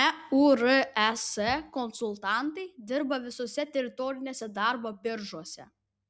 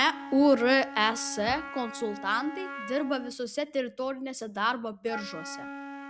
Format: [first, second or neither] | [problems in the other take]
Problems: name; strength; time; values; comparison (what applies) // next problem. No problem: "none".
first | background sound (Wind instrument, woodwind instrument); 13 dB below the speech